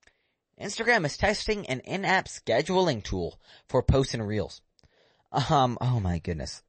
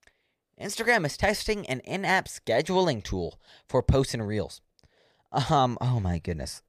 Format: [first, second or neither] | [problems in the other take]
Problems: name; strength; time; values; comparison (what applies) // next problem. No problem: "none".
second | garbled, watery; slightly; nothing above 8 kHz